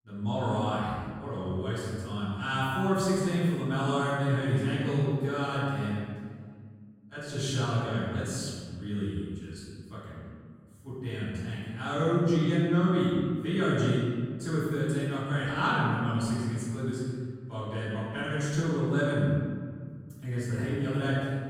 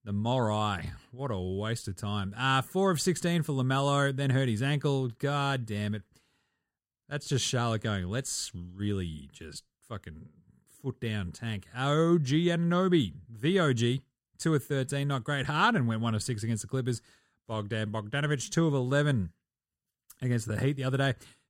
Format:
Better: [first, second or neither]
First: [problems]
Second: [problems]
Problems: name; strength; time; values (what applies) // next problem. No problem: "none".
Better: second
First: off-mic speech; far // room echo; strong; dies away in 1.7 s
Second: none